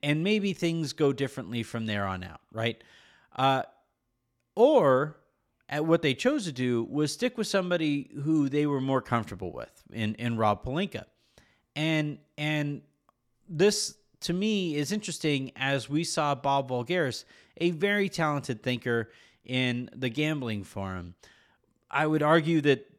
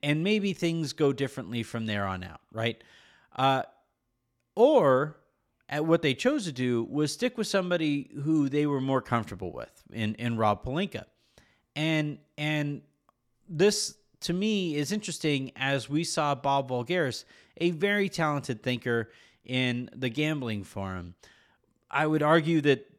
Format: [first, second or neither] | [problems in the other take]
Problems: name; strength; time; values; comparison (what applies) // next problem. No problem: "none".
neither | none